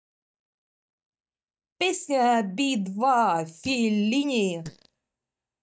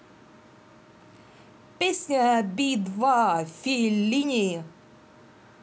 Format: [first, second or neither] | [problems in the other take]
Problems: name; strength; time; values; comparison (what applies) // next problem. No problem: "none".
second | noise reduction (neural mask model DeepFilterNet 3)